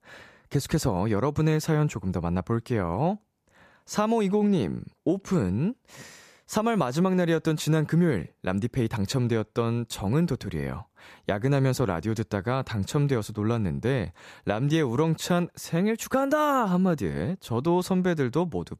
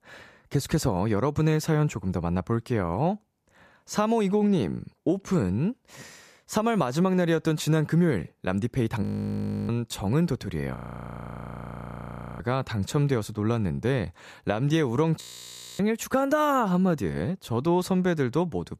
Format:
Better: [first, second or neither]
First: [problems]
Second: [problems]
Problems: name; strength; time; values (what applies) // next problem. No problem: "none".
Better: first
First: none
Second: audio freezing; at 9 s for 0.5 s, at 11 s for 1.5 s and at 15 s for 0.5 s